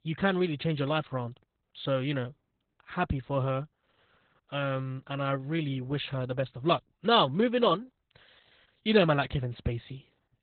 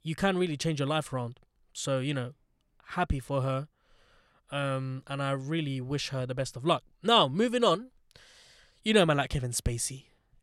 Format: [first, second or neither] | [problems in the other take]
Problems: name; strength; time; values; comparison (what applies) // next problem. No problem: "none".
second | garbled, watery; badly; nothing above 4 kHz